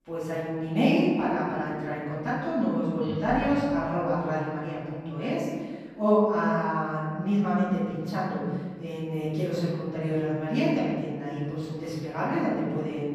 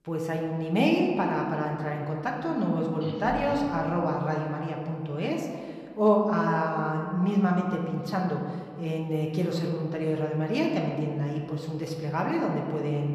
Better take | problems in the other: second | room echo; strong; dies away in 1.6 s; slight in the second // off-mic speech; far; somewhat distant in the second

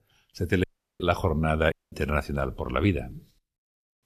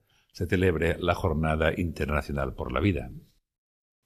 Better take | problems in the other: second | audio cutting out; at 0.5 s and at 1.5 s

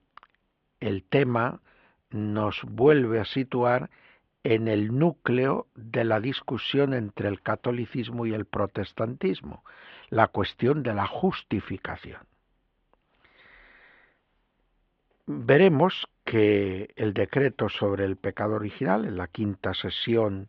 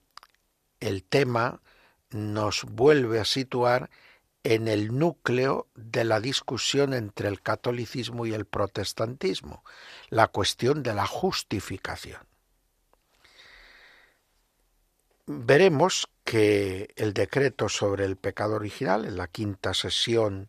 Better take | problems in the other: second | muffled; very; fading above 3 kHz

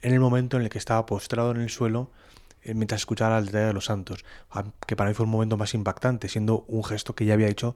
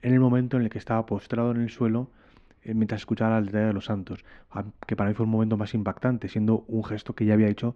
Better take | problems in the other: first | muffled; slightly; fading above 2.5 kHz

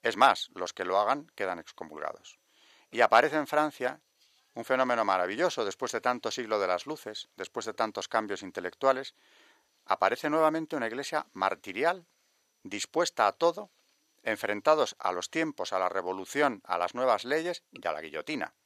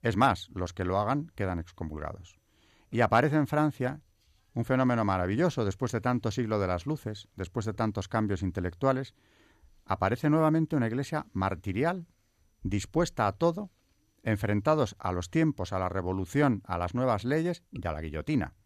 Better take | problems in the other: second | thin; very; fading below 550 Hz

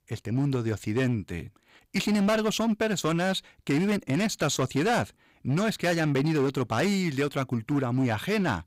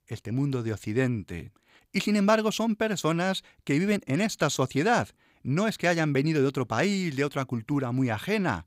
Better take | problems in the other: second | distortion; slight; 11% of the sound clipped

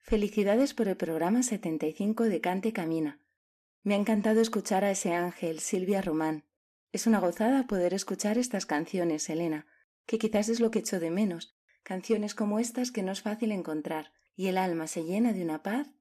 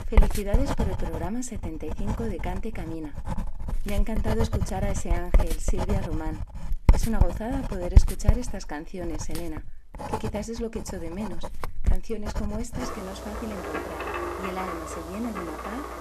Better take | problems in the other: first | household noises; very loud; throughout; 4 dB above the speech

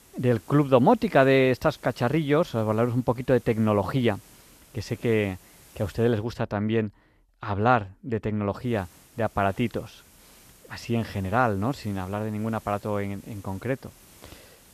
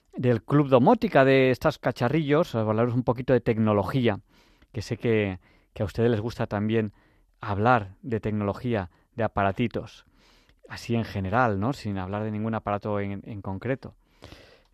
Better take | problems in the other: second | hiss; faint; until 6 s and from 8.5 s on; 25 dB below the speech

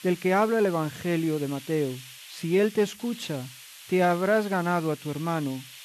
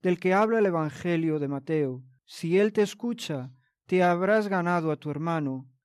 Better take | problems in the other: second | hiss; noticeable; throughout; 15 dB below the speech

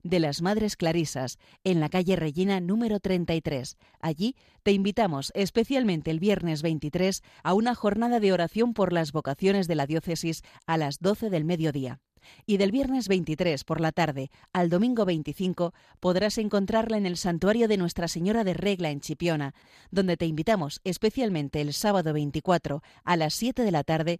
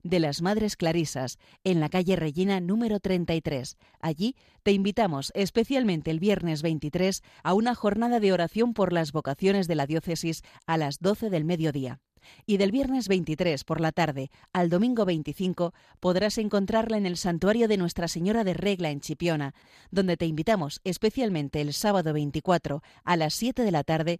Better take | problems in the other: neither | none

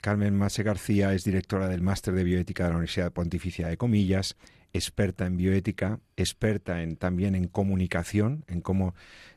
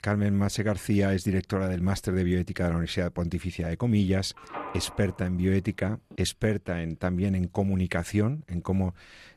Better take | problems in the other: first | phone ringing; noticeable; from 4.5 to 6 s; peak 10 dB below the speech

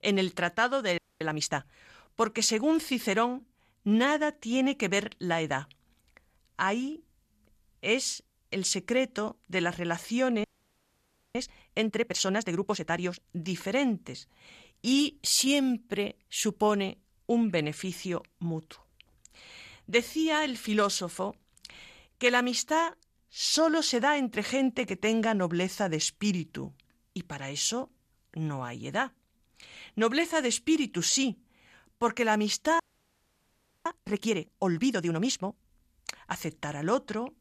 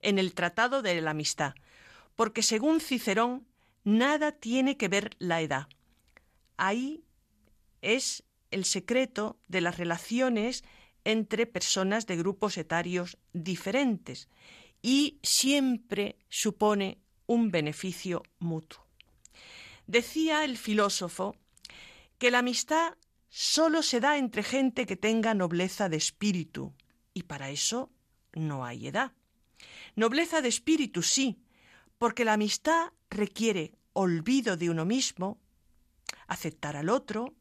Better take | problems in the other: second | audio freezing; at 1 s, at 10 s for 1 s and at 33 s for 1 s

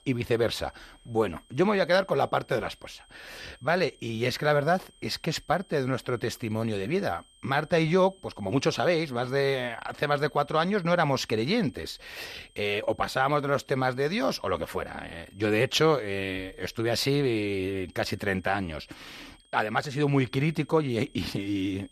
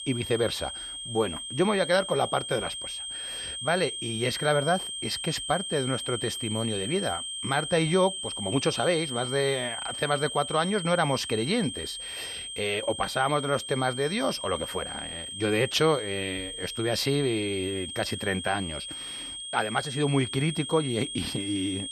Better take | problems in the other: first | high-pitched whine; loud; throughout; 3 kHz, 6 dB below the speech; faint in the first

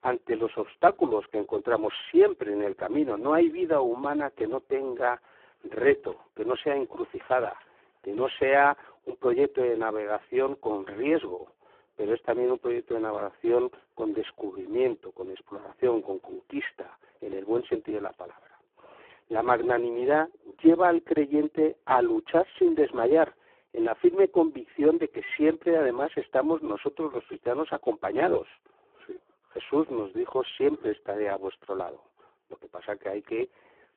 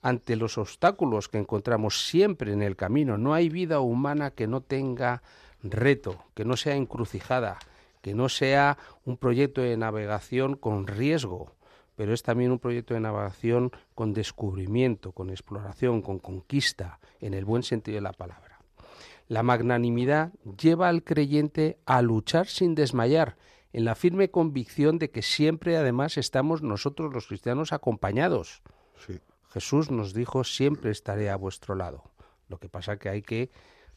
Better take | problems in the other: second | phone-call audio; poor line

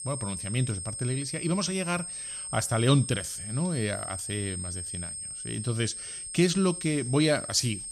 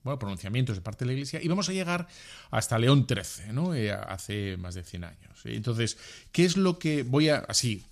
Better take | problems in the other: second | high-pitched whine; loud; throughout; 8.5 kHz, 6 dB below the speech

